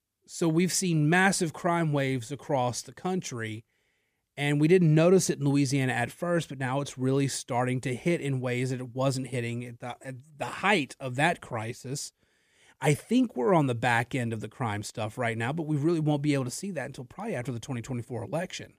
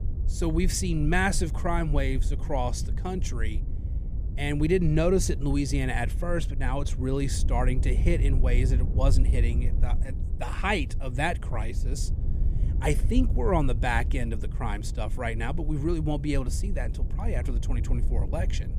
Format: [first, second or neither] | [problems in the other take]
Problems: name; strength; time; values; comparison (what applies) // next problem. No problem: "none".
first | wind noise on the microphone; occasional gusts; 15 dB below the speech